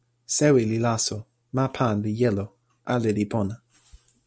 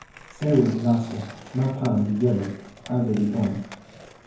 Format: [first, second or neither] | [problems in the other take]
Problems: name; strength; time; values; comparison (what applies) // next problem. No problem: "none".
first | background sound (Skateboard); 19 dB below the speech // room echo; dies away in 0.9 s